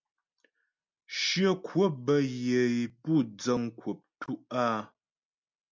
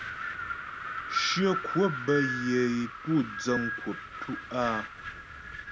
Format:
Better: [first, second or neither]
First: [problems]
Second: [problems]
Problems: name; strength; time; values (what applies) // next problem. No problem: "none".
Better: first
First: none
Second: background sound (Wind); 5 dB below the speech